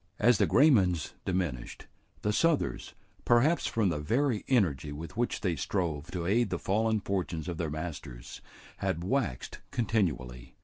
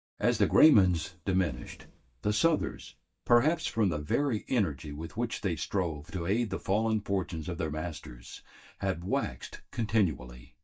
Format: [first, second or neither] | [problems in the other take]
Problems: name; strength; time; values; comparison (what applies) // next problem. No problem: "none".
first | noise reduction (neural mask model DeepFilterNet 3)